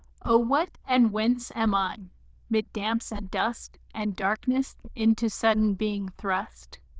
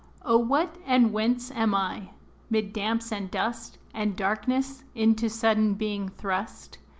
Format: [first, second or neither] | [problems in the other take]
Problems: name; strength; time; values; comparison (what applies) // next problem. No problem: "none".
second | noise reduction (neural diffusion model UNIVERSE++)